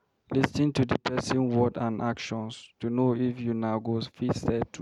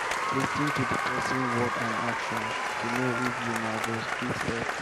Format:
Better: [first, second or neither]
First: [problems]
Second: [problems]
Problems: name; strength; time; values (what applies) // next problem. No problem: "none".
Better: first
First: none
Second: background sound (Applause); 3 dB above the speech